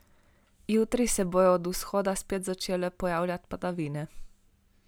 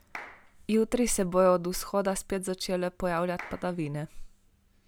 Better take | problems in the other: first | background sound (Clapping); 19 dB below the speech

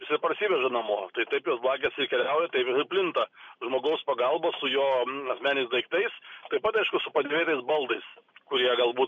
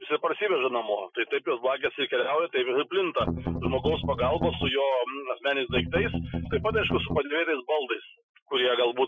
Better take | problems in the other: first | noise reduction (classical method Wiener filter)

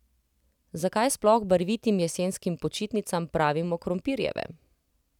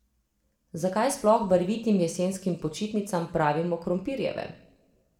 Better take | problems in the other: first | room echo; dies away in 0.6 s

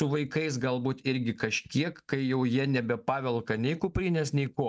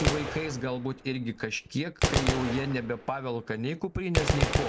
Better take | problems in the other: first | background sound (Gunshot, gunfire); as loud as the speech

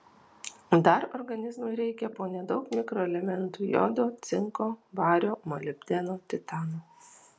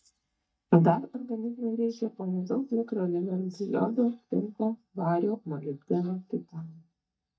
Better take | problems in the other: first | noise reduction (neural mask model DeepFilterNet 3)

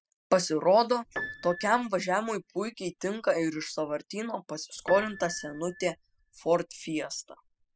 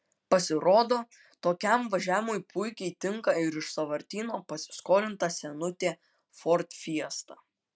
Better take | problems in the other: second | noise reduction (classical method spectral subtraction)

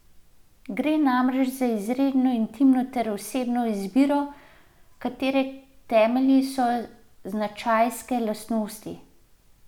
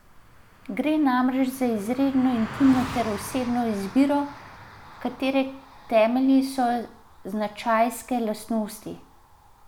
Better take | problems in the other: first | background sound (Car passing by); 17 dB below the speech

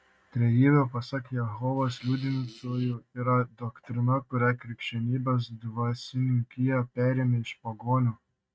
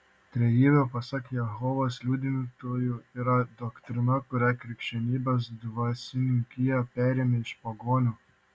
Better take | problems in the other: second | noise reduction (neural mask model RNNoise)

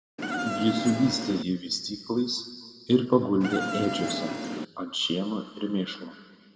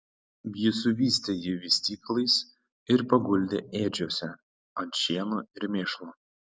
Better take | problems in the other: second | background sound (Insect); 3 dB below the speech // room echo; dies away in 1.6 s

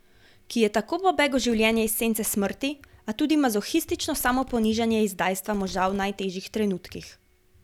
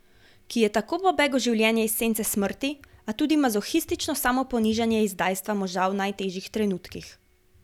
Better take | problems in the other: second | background sound (Fireworks); 19 dB below the speech

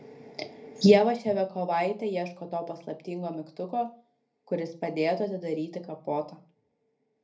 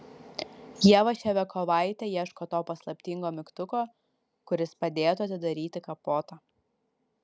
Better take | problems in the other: second | room echo; dies away in 0.3 s

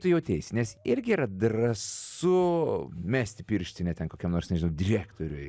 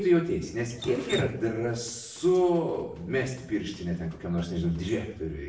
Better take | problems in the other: first | background sound (Drip); 16 dB below the speech // room echo; dies away in 0.7 s

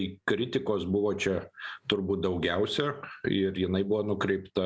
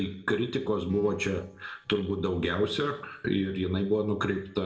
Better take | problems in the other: first | noise reduction (neural separator model SepFormer DNS4)

